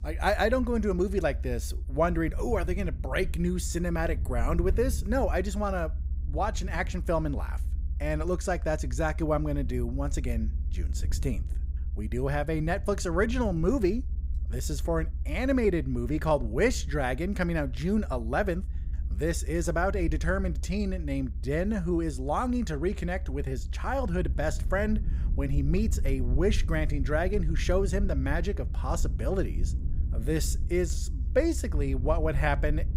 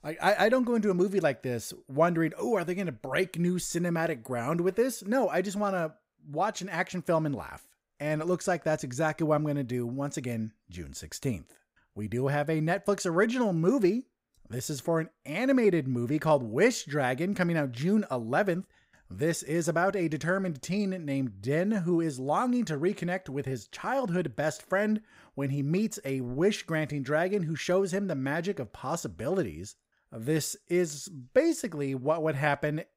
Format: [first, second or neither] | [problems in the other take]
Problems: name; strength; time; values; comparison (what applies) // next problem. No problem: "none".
second | low rumble; faint; throughout; 20 dB below the speech